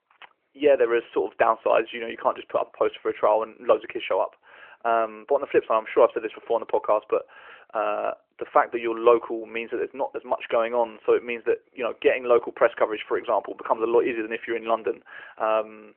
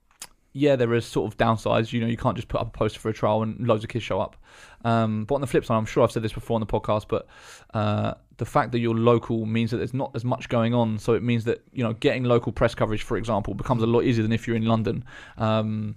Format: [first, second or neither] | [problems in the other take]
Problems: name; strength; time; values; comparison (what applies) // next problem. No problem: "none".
second | phone-call audio; nothing above 3 kHz